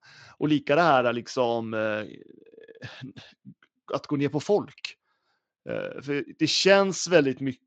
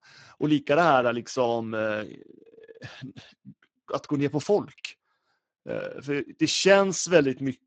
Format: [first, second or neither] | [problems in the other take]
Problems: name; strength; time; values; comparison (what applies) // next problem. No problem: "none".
first | garbled, watery; badly; nothing above 7.5 kHz; slightly in the first